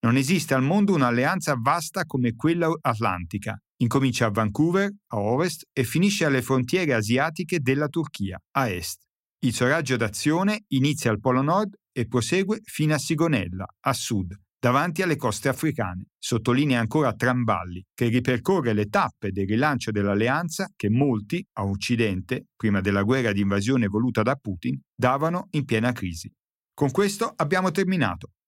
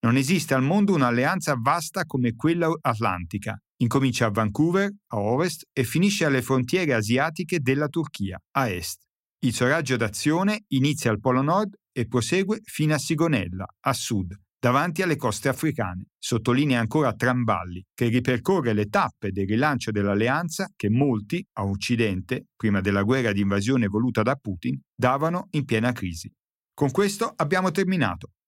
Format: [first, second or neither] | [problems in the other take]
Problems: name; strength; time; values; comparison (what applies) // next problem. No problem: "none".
neither | none